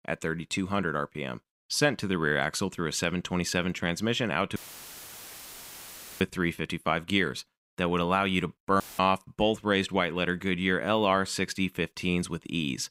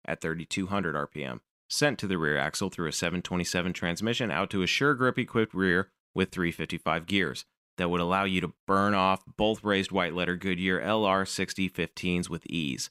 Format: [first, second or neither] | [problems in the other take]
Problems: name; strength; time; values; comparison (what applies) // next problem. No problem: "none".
second | audio cutting out; filled with static; at 4.5 s for 1.5 s and at 9 s